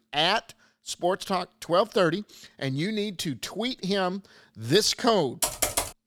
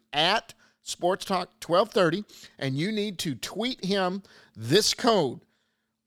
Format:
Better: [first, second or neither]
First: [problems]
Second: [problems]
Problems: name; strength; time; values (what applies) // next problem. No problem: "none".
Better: second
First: keyboard typing; loud; at 5.5 s; peak level with the speech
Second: none